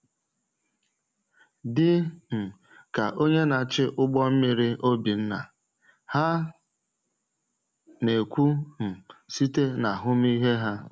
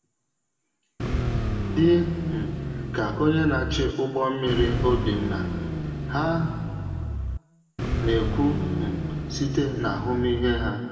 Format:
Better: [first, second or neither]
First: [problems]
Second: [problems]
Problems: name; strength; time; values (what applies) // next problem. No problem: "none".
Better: first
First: none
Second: background sound (Car); 1 dB below the speech // room echo; dies away in 1.9 s